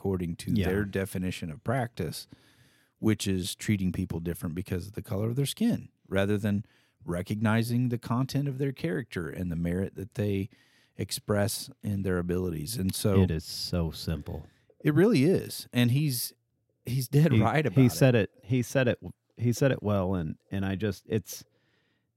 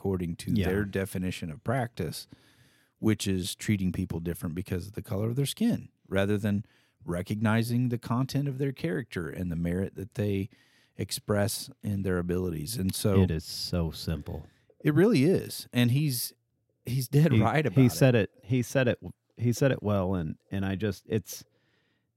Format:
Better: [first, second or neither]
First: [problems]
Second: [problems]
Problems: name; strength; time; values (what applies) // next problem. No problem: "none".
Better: neither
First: none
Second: none